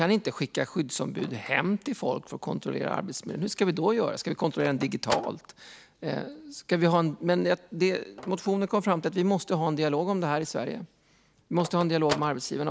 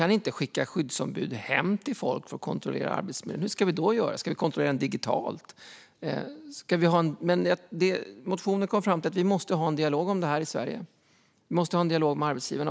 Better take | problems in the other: second | background sound (Telephone); 16 dB below the speech

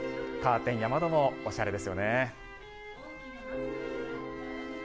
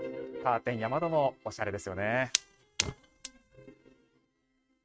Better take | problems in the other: first | noise reduction (neural mask model RNNoise)

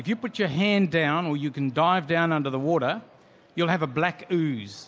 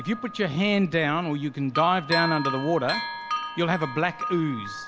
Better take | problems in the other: first | background sound (Bell); 7 dB below the speech

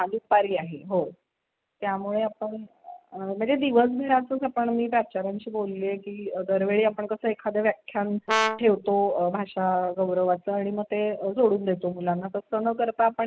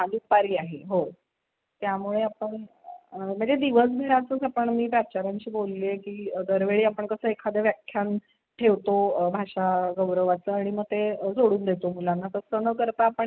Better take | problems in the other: second | background sound (Brass instrument); 2 dB below the speech

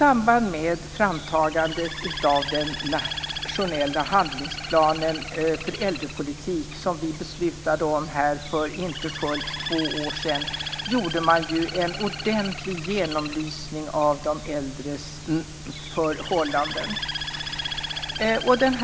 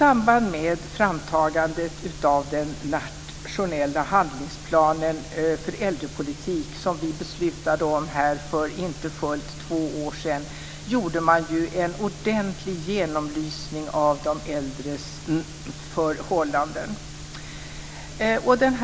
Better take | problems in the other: second | background sound (Bird); 10 dB below the speech

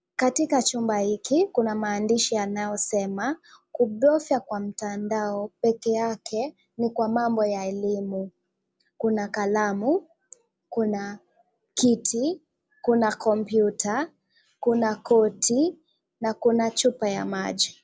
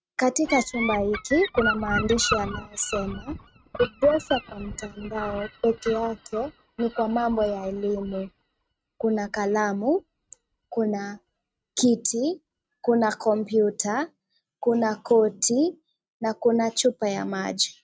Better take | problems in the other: first | noise reduction (neural mask model RNNoise)

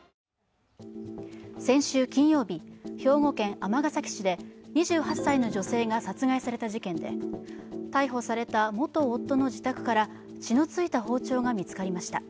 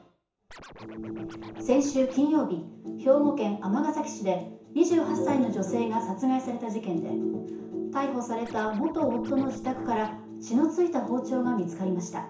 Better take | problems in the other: first | background sound (Scratching (performance technique)); 19 dB below the speech // room echo; dies away in 0.7 s

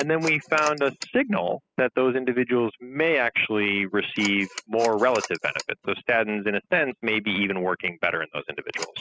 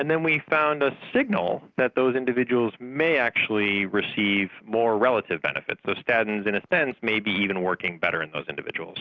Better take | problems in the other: second | noise reduction (classical method spectral subtraction)

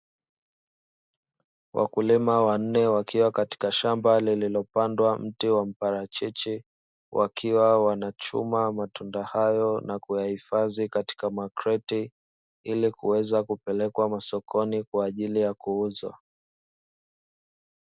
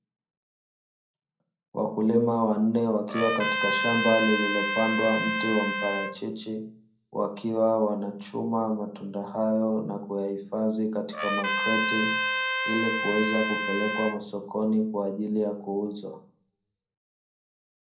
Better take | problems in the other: first | background sound (Trumpet); as loud as the speech // room echo; dies away in 0.5 s

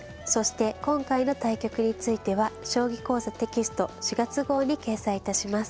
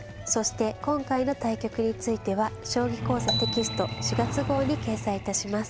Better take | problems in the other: first | background sound (Truck + Marimba, xylophone); 6 dB below the speech

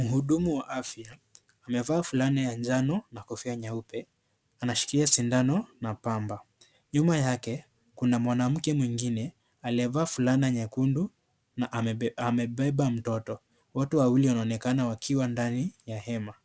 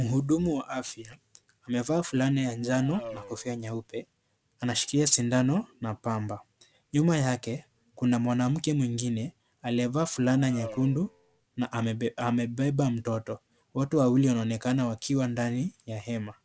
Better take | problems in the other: first | background sound (Race car, auto racing); 17 dB below the speech

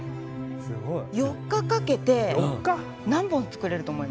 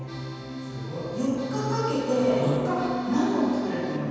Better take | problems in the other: first | background sound (Accordion); 20 dB below the speech // room echo; dies away in 2.1 s

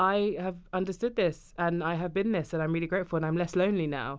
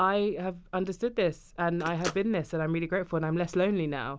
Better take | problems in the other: first | background sound (Telephone); 18 dB below the speech

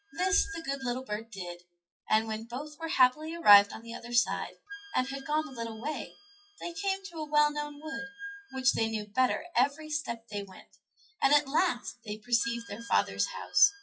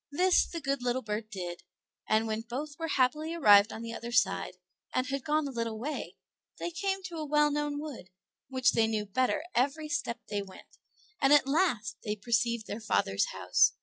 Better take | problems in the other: second | noise reduction (classical method WPE with log-MMSE)

